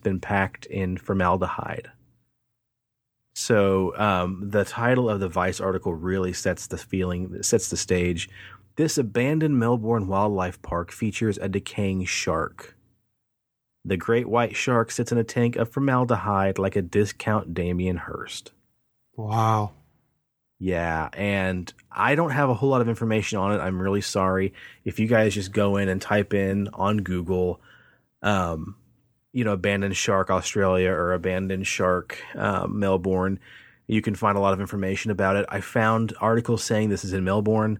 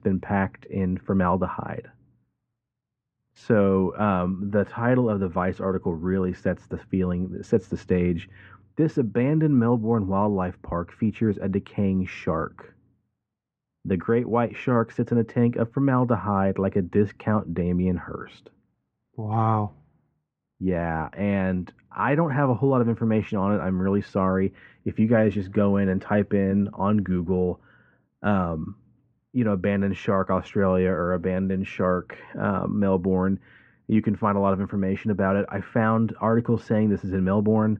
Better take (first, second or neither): first